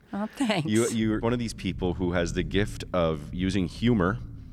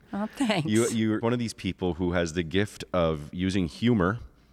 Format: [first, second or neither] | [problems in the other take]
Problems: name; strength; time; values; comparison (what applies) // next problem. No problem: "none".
second | low rumble; faint; from 1 s on; 25 dB below the speech